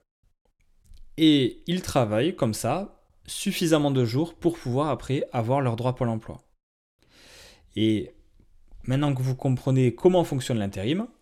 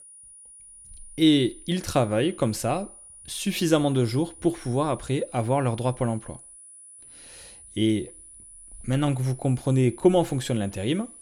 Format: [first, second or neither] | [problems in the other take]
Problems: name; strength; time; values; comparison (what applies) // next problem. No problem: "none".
first | high-pitched whine; noticeable; throughout; 9.5 kHz, 20 dB below the speech